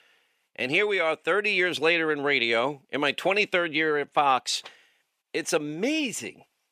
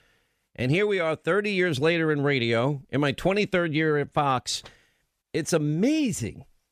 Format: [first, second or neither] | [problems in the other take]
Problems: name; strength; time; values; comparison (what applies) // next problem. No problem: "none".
second | thin; somewhat; fading below 350 Hz